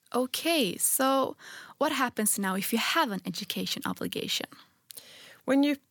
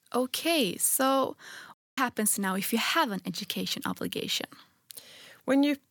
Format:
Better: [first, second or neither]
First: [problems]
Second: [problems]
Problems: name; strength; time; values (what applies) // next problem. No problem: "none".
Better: first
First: none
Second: audio cutting out; at 1.5 s